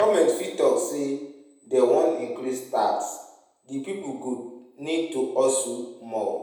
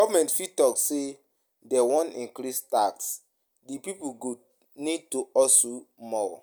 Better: second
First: room echo; dies away in 0.9 s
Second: none

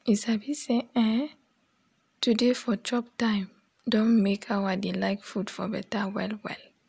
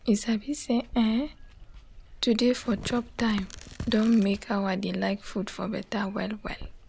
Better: first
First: none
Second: background sound (Water + Tearing); 16 dB below the speech

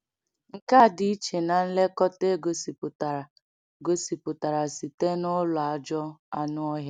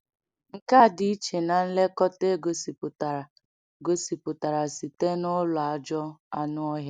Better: first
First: none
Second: noise reduction (neural mask model Resemble Enhance denoiser)

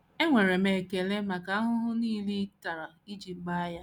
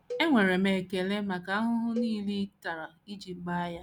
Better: first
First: none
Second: background sound (Cowbell); 16 dB below the speech

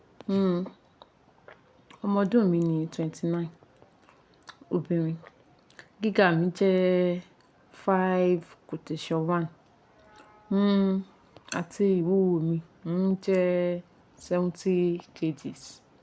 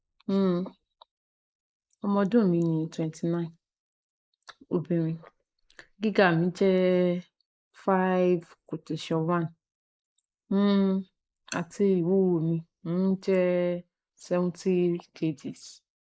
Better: first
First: none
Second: noise reduction (neural mask model Resemble Enhance denoiser)

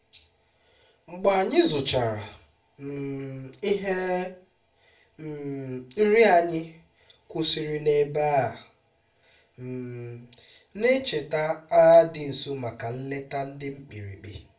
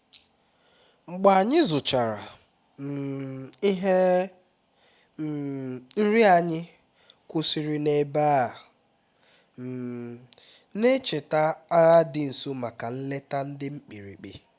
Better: second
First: room echo; dies away in 0.3 s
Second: none

